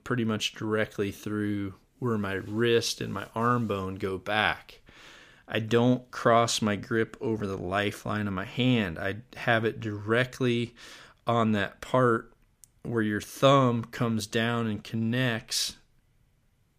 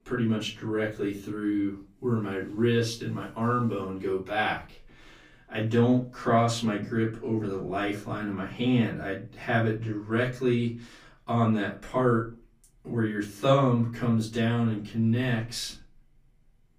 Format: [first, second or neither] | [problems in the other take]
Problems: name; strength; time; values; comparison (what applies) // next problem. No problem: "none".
first | off-mic speech; far // room echo; slight; dies away in 0.3 s